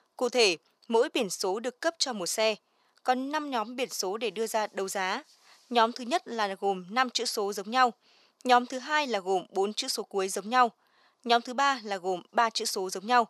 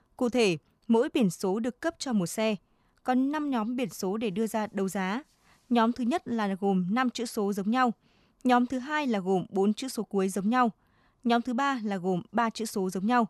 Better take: second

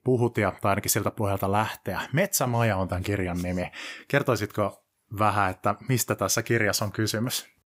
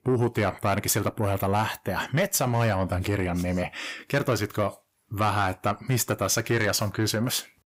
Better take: first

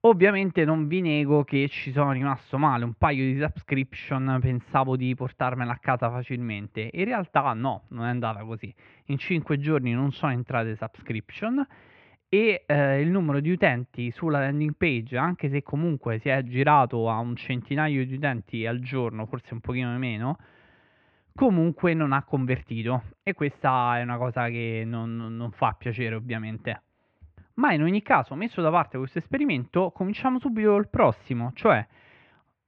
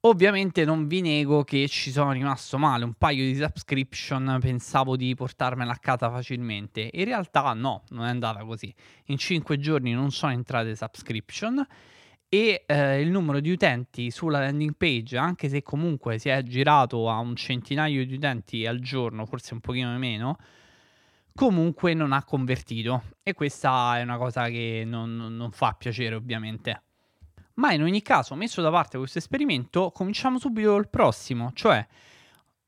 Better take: second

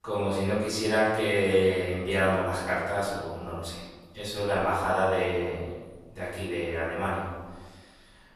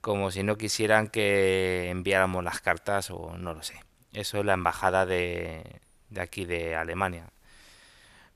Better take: second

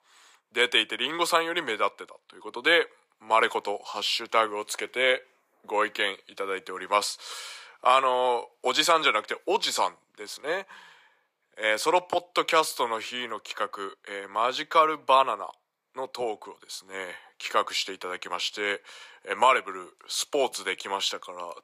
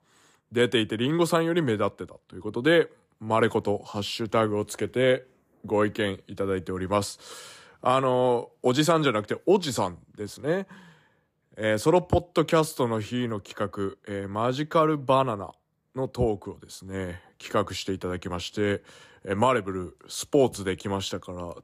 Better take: second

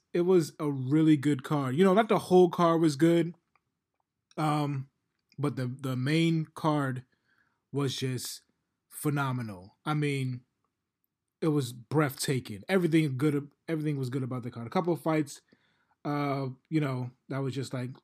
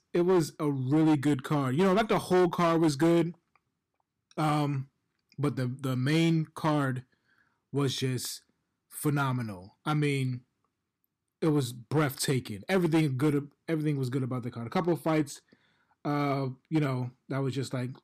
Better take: first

